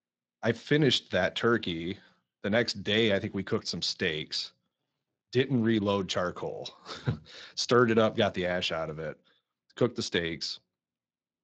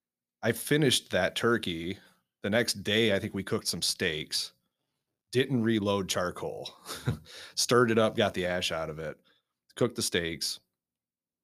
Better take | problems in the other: second | garbled, watery; slightly

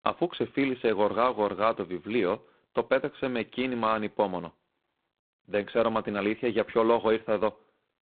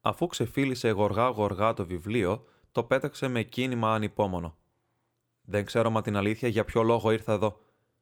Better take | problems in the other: second | phone-call audio; poor line; nothing above 4 kHz

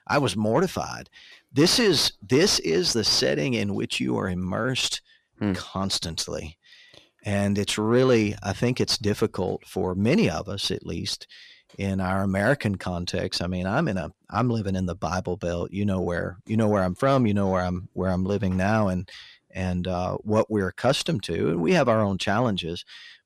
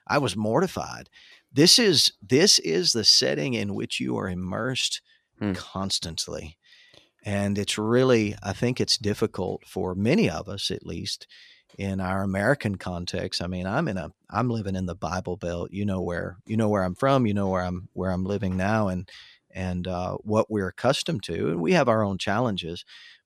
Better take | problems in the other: second | distortion; slight; 10 dB below the speech

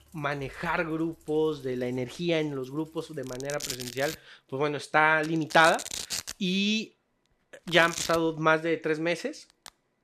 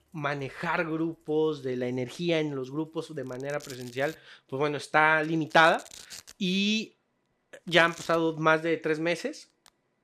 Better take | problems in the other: second | household noises; loud; throughout; 9 dB below the speech; faint in the second

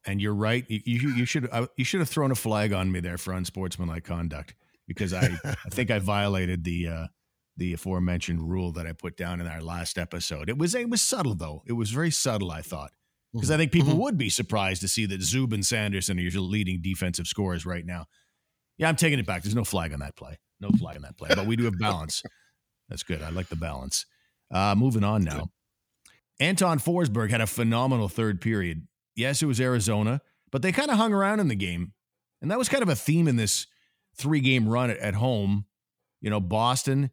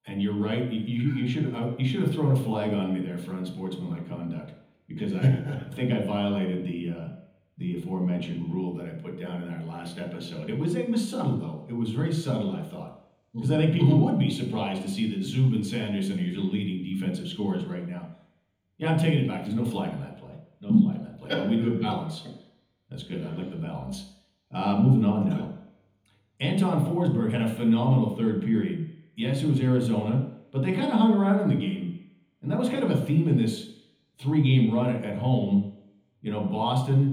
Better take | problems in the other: first | room echo; noticeable; dies away in 1 s // off-mic speech; far

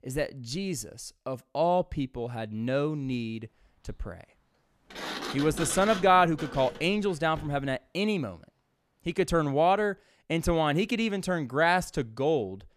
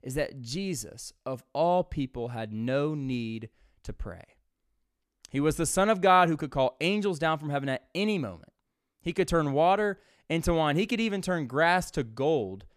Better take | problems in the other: second | door banging; noticeable; from 5 to 7.5 s; peak 7 dB below the speech

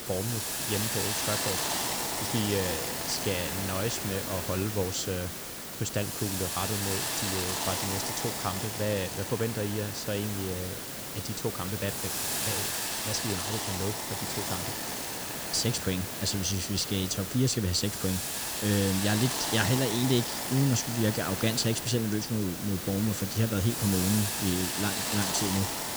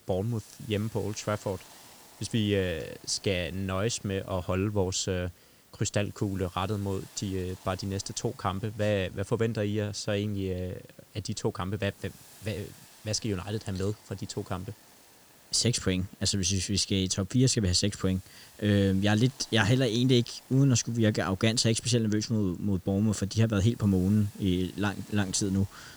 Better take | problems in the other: second | hiss; loud; throughout; as loud as the speech; faint in the second

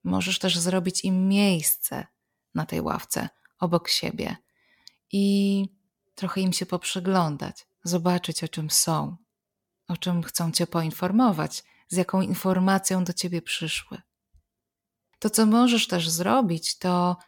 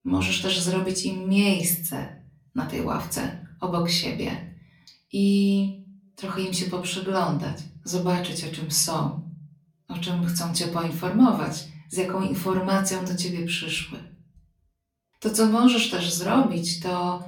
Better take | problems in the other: first | off-mic speech; far // room echo; slight; dies away in 0.4 s

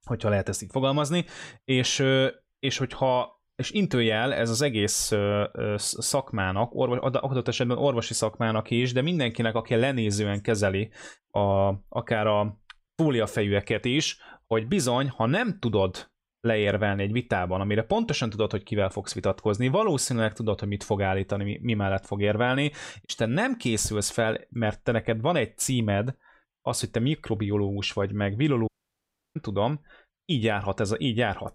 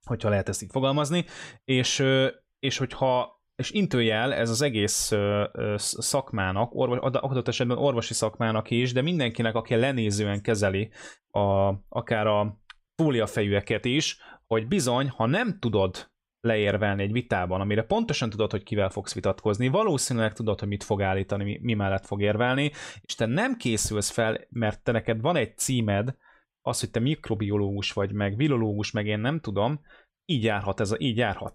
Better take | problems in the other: second | audio cutting out; at 29 s for 0.5 s

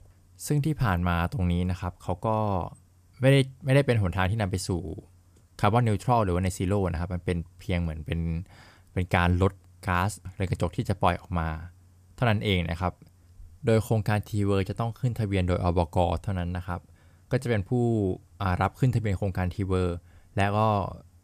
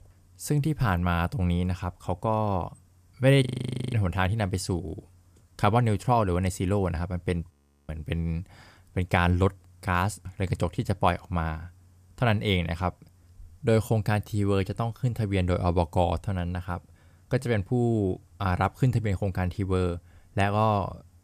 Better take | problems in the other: first | audio freezing; at 3.5 s and at 7.5 s

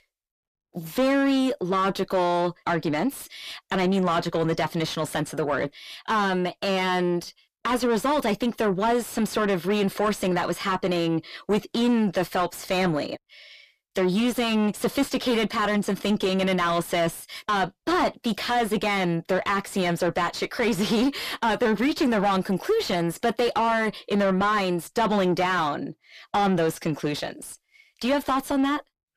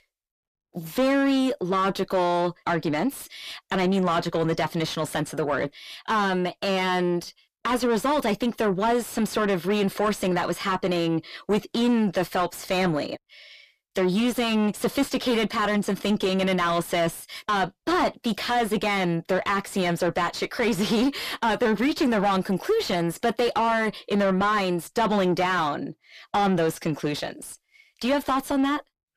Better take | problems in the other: neither | distortion; heavy; 7 dB below the speech; the same in both

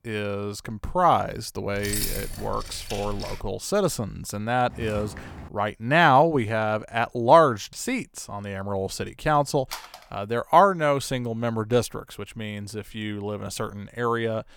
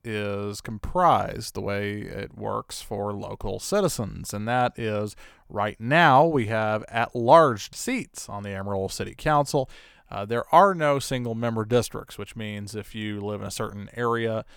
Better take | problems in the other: second | jangling keys; noticeable; from 1.5 to 3.5 s; peak 3 dB below the speech // footsteps; faint; at 4.5 s; peak 10 dB below the speech // phone ringing; faint; at 9.5 s; peak 15 dB below the speech

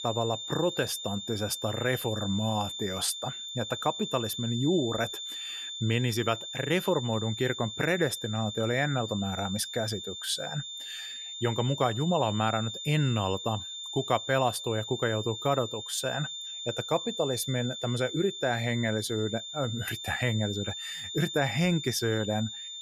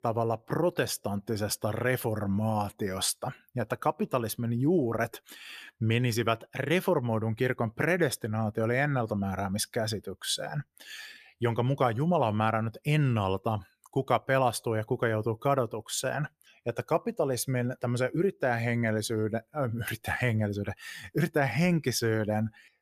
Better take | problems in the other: second | high-pitched whine; loud; throughout; 3.5 kHz, 6 dB below the speech

